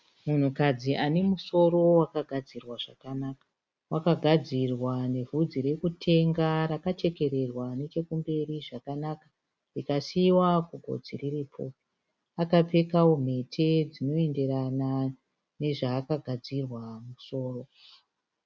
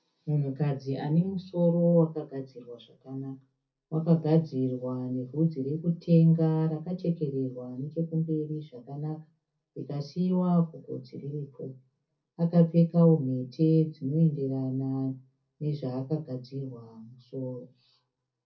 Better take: first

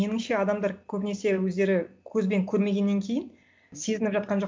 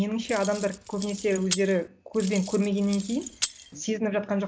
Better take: first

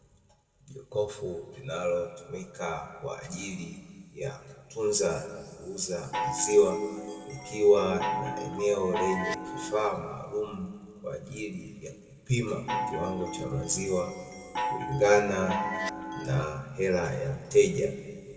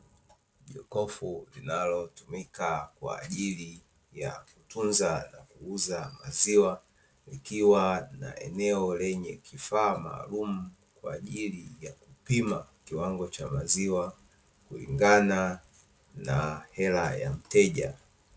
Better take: second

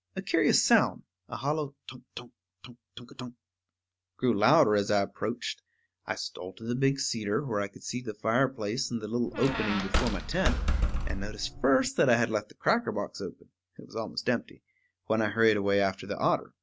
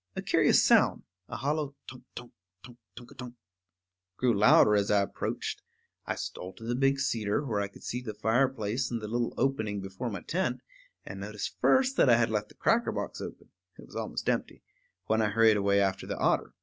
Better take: second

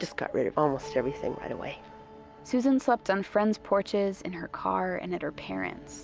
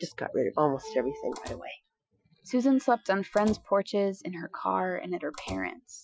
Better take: first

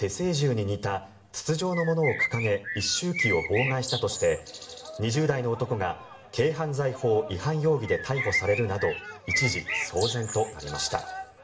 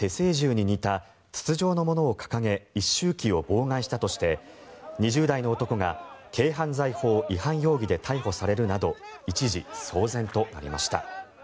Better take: second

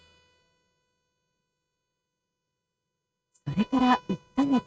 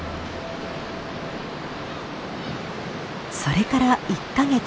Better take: second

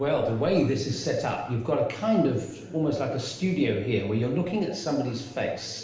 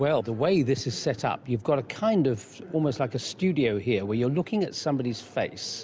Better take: second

